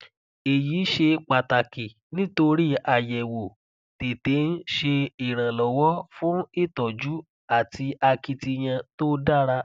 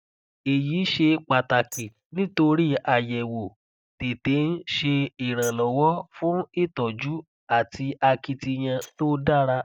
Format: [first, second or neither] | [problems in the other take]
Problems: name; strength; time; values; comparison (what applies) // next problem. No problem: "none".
first | noise reduction (neural mask model DeepFilterNet 3)